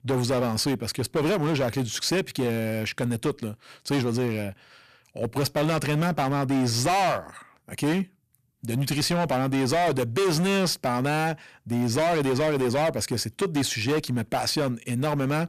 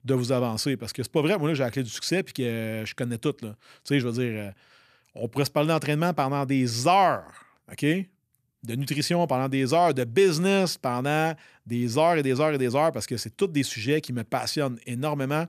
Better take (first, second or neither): second